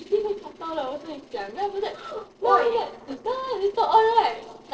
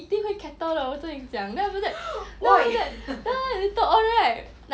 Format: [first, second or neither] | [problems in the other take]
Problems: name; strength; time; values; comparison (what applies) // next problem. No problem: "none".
second | noise reduction (neural separator model SepFormer DNS4)